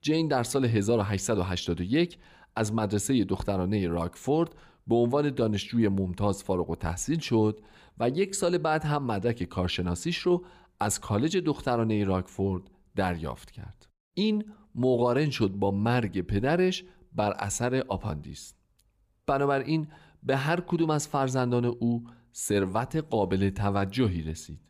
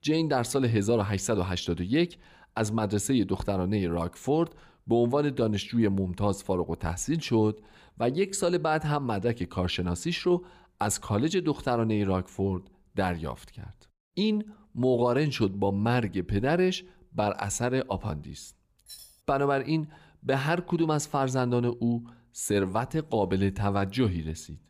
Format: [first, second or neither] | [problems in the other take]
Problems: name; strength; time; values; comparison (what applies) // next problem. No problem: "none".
first | jangling keys; faint; at 19 s; peak 20 dB below the speech